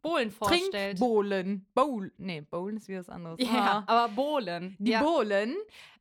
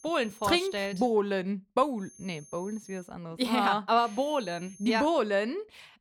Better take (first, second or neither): first